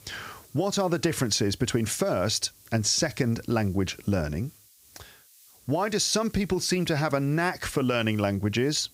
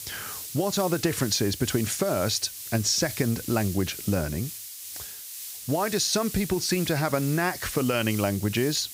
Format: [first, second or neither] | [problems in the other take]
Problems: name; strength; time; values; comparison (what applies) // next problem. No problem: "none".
first | hiss; loud; throughout; 9 dB below the speech; faint in the first